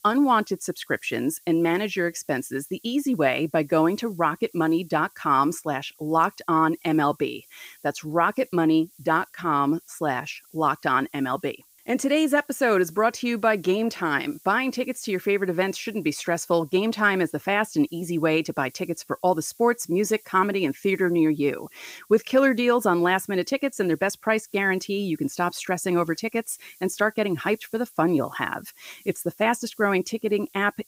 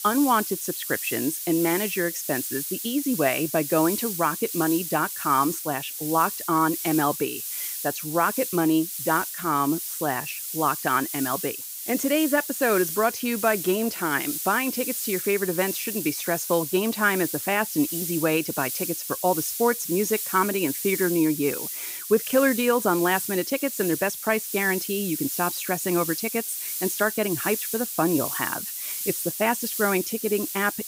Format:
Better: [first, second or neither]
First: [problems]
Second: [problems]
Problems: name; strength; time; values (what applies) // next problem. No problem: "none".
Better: first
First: hiss; faint; throughout; 25 dB below the speech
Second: hiss; loud; throughout; 4 dB below the speech